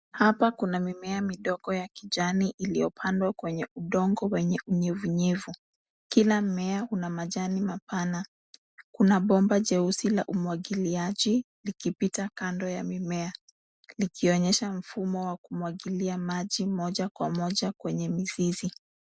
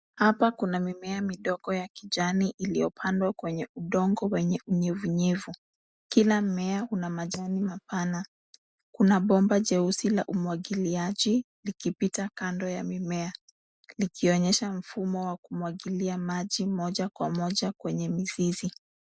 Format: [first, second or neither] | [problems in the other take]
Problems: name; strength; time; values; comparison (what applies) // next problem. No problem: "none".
first | noise reduction (neural mask model DeepFilterNet 3)